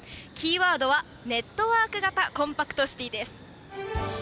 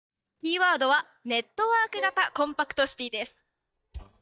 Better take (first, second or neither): first